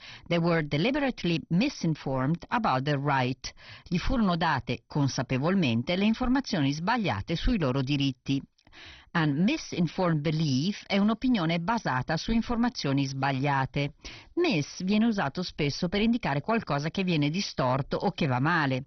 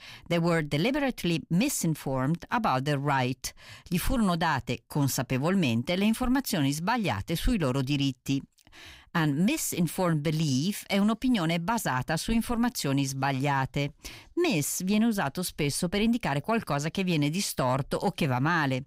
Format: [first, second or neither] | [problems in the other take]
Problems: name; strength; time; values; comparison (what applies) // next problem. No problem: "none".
second | garbled, watery; badly; nothing above 6 kHz